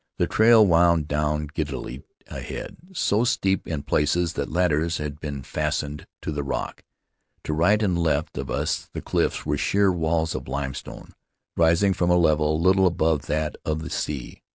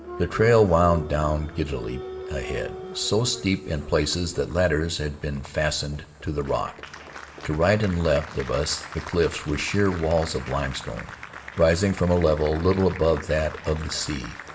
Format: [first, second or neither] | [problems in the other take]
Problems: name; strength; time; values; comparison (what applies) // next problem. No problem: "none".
first | background sound (Applause); 15 dB below the speech // room echo; dies away in 1.1 s